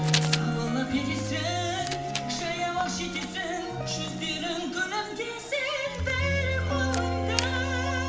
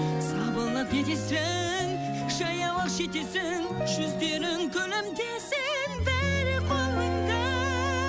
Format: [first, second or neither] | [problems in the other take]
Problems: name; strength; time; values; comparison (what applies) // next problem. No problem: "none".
second | background sound (Writing); 11 dB below the speech // room echo; dies away in 0.8 s